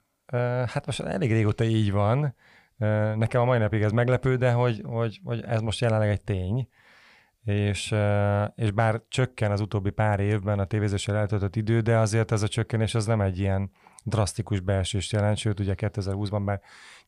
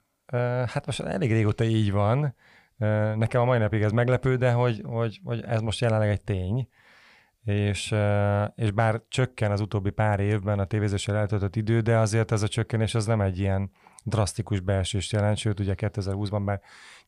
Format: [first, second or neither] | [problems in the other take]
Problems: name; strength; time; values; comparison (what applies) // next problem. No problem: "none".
neither | none